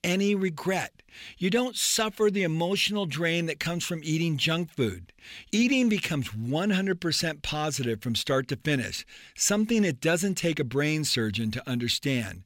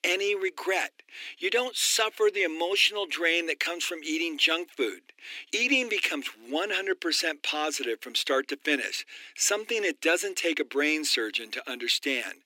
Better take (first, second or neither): first